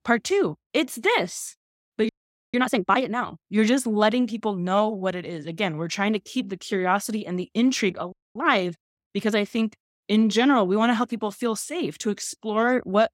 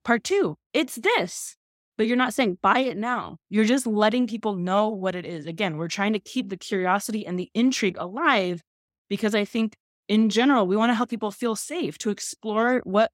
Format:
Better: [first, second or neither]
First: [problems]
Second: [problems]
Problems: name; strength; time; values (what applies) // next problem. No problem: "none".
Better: second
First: audio freezing; at 2 s and at 8 s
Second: none